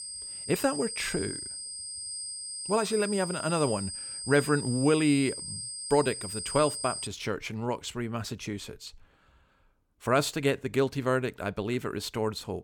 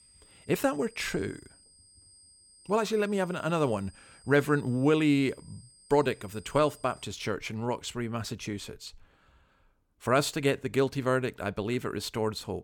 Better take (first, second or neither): second